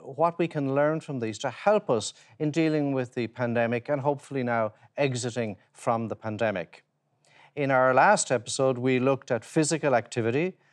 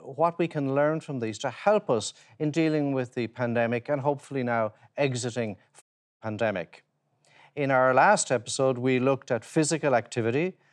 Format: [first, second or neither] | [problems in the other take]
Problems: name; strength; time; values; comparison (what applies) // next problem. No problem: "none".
first | audio cutting out; at 6 s